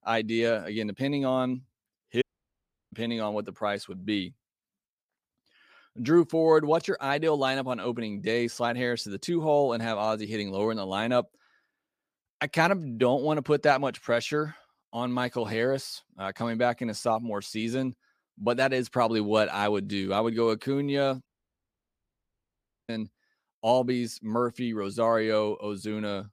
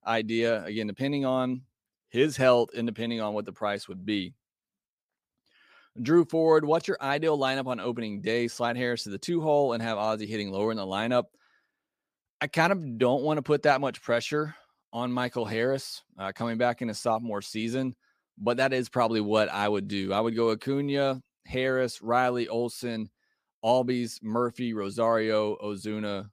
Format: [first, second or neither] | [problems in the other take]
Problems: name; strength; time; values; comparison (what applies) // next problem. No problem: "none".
second | audio cutting out; at 2 s for 0.5 s and at 21 s for 1.5 s